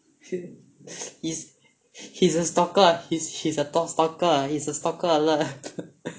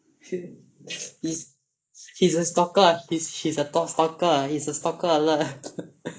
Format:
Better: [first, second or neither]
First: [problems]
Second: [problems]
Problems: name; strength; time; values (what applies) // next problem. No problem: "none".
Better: first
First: none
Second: noise reduction (neural mask model Resemble Enhance denoiser)